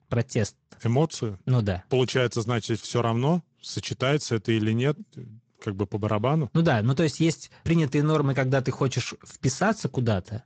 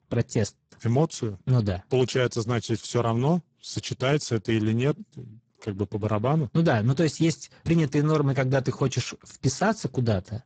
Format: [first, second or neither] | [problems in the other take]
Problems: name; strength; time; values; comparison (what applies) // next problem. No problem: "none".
first | garbled, watery; badly; nothing above 7.5 kHz; slightly in the first